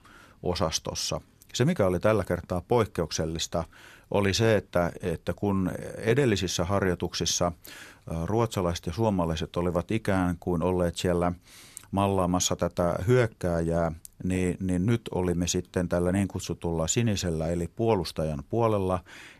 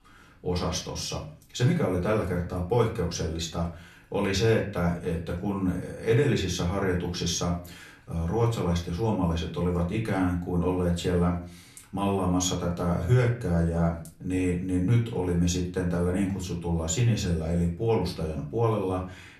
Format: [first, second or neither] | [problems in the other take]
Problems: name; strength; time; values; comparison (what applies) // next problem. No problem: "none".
first | room echo; slight; dies away in 0.4 s // off-mic speech; far